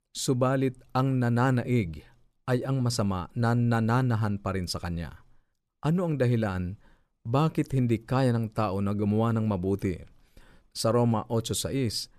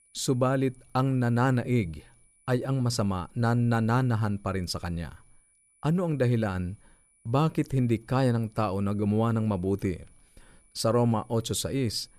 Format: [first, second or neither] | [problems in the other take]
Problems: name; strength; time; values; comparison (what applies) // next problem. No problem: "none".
first | high-pitched whine; faint; throughout; 10 kHz, 35 dB below the speech